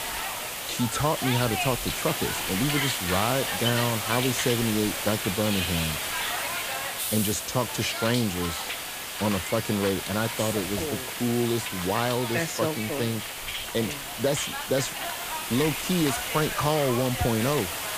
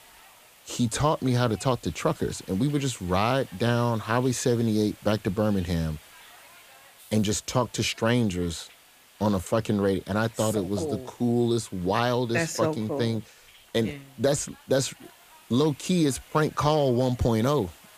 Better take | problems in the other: second | hiss; loud; throughout; 2 dB below the speech; faint in the second

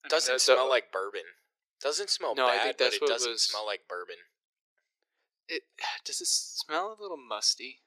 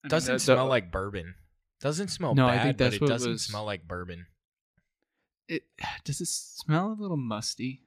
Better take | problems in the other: second | thin; very; fading below 400 Hz

